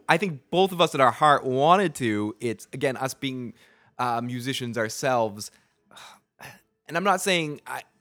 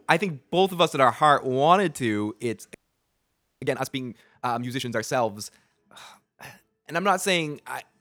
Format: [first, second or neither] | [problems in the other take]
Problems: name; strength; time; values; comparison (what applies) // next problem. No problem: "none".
first | audio freezing; at 2.5 s for 1 s